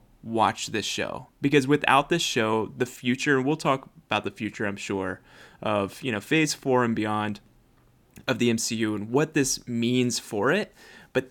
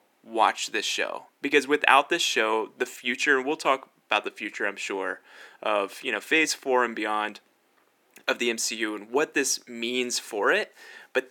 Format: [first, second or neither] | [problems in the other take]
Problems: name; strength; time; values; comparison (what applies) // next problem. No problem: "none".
first | thin; somewhat; fading below 350 Hz